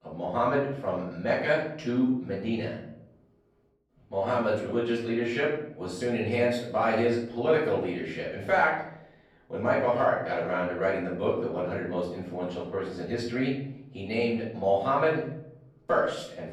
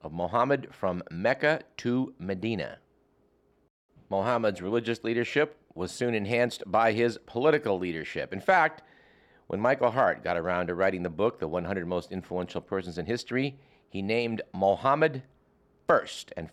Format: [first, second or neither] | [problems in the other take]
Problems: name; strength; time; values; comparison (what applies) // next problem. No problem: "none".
second | off-mic speech; far // room echo; noticeable; dies away in 0.7 s